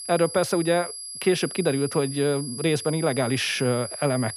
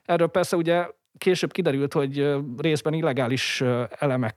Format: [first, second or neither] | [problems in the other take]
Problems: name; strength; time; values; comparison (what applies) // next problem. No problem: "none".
second | high-pitched whine; loud; throughout; 11 kHz, 9 dB below the speech